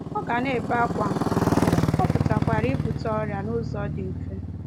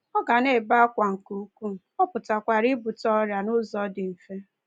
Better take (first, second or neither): second